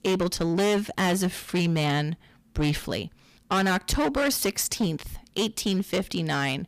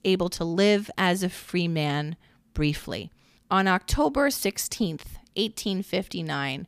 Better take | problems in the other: second | distortion; heavy; 13% of the sound clipped

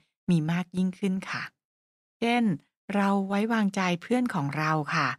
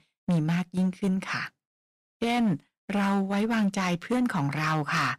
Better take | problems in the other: first | distortion; slight; 10% of the sound clipped

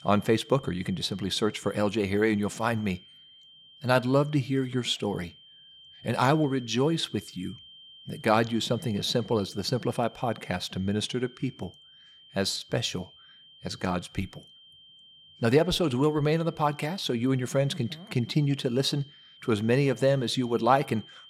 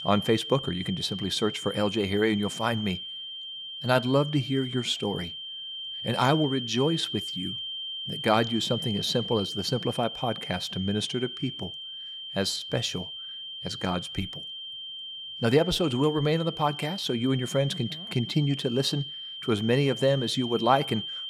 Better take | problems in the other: first | high-pitched whine; loud; throughout; 3 kHz, 7 dB below the speech; faint in the first

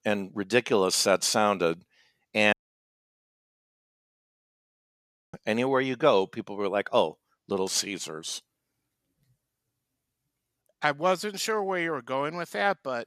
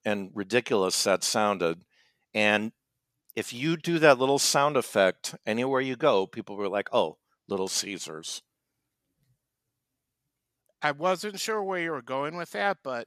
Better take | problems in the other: second | audio cutting out; at 2.5 s for 3 s

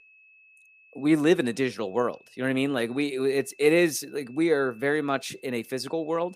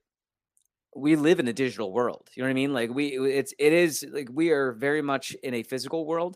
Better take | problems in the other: second | high-pitched whine; faint; throughout; 2.5 kHz, 30 dB below the speech

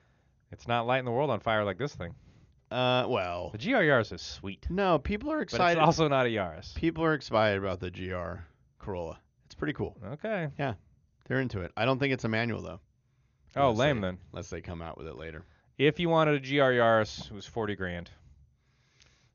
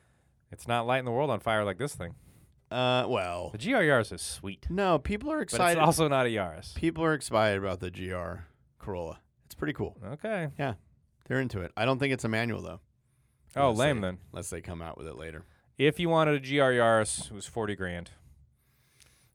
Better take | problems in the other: second | garbled, watery; slightly; nothing above 6.5 kHz

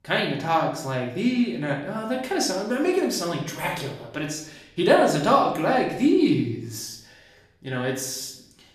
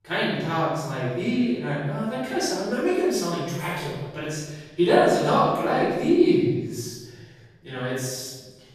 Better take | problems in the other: first | room echo; strong; dies away in 1.2 s; slight in the first // off-mic speech; far; far in the first

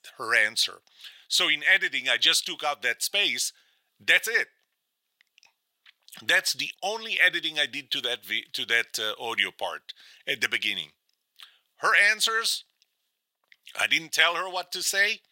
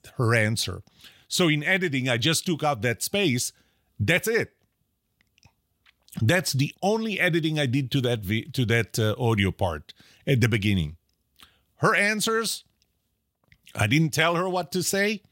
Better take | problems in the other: second | thin; very; fading below 700 Hz

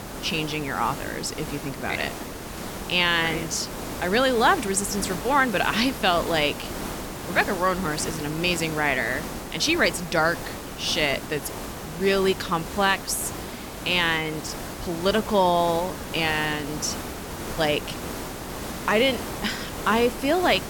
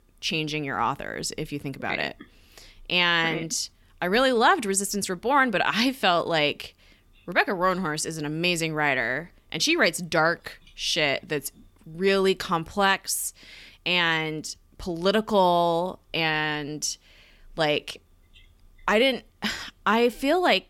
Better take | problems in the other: second | hiss; loud; throughout; 9 dB below the speech

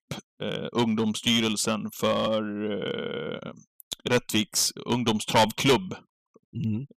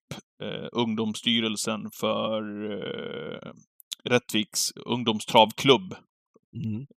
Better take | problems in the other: second | distortion; heavy; 3% of the sound clipped

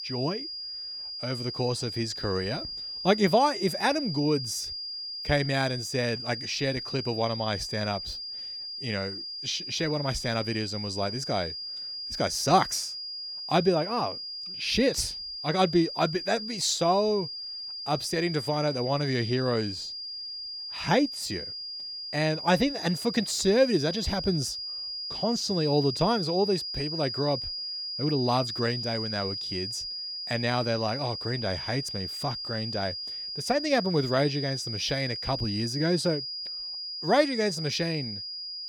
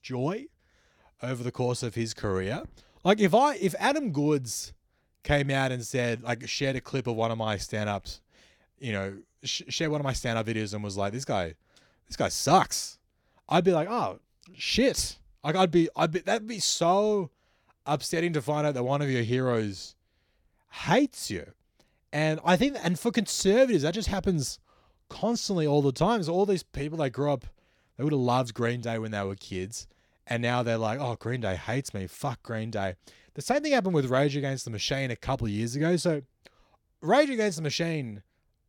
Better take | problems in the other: second | high-pitched whine; loud; throughout; 5 kHz, 5 dB below the speech

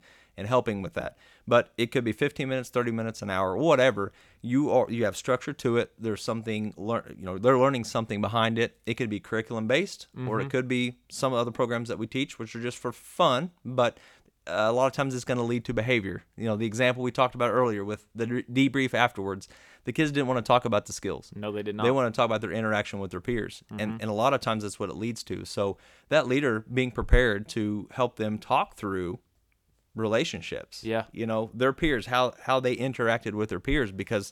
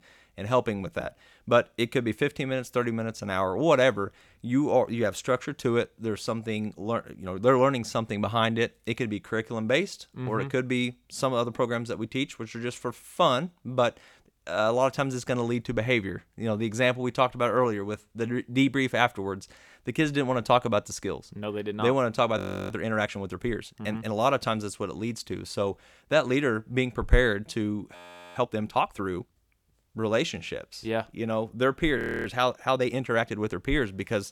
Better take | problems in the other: first | audio freezing; at 22 s, at 28 s and at 32 s

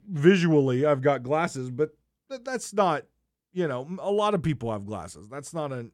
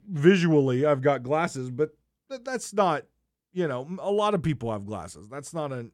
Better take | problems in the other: neither | none

